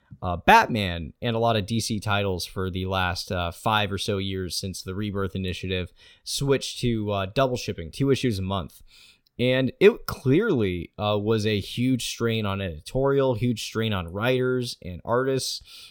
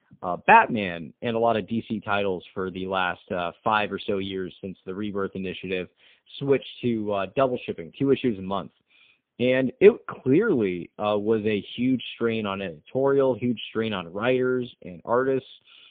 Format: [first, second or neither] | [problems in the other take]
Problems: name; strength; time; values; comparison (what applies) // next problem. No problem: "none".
first | phone-call audio; poor line